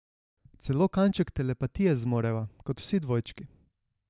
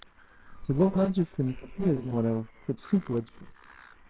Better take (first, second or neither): first